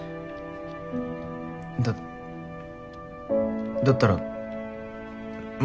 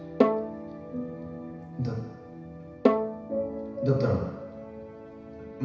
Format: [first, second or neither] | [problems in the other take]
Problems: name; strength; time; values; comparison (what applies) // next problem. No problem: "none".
first | background sound (Bowed string instrument); 1 dB above the speech // room echo; dies away in 1 s